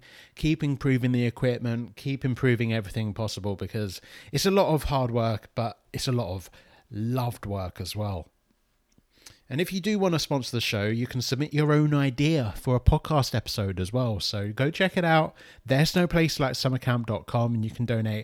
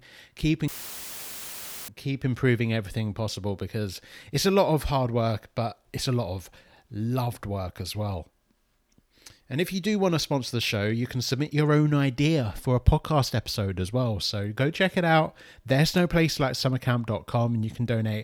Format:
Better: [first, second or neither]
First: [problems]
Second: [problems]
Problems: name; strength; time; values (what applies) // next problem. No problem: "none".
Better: first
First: none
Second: audio cutting out; filled with static; at 0.5 s for 1 s